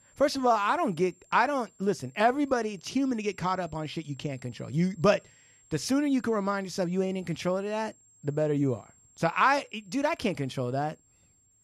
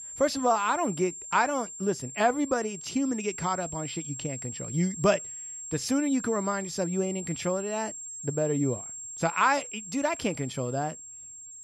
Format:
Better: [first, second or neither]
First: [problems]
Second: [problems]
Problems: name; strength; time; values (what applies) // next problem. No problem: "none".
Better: first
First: high-pitched whine; faint; throughout; 7.5 kHz, 30 dB below the speech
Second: high-pitched whine; loud; throughout; 7.5 kHz, 9 dB below the speech